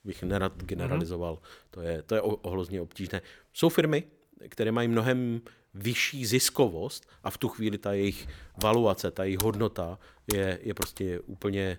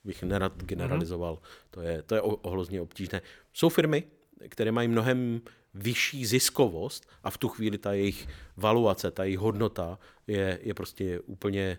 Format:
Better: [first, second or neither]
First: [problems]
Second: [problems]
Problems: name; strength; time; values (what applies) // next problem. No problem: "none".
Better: second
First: keyboard typing; noticeable; from 8.5 to 11 s; peak 6 dB below the speech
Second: none